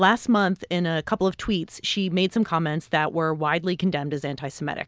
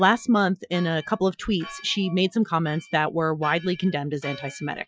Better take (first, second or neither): first